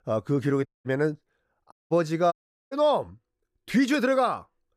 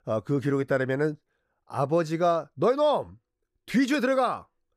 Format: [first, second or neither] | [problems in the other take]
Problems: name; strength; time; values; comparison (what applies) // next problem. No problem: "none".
second | audio cutting out; at 0.5 s, at 1.5 s and at 2.5 s